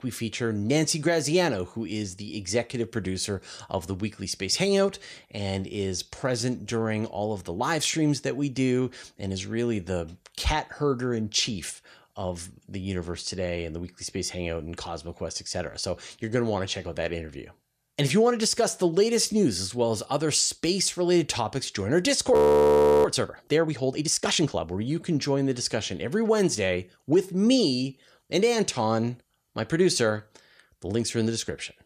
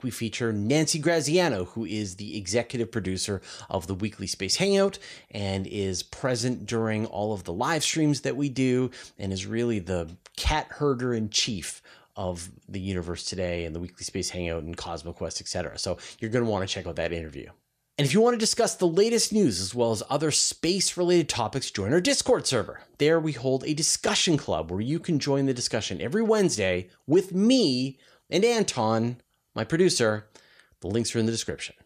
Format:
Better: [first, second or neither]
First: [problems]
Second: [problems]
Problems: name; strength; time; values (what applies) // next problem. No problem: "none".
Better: second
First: audio freezing; at 22 s for 0.5 s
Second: none